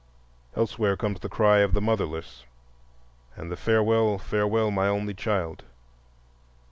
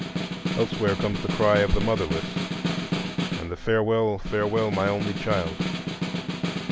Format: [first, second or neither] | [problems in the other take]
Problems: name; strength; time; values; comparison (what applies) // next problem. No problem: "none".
first | background sound (Snare drum); 3 dB below the speech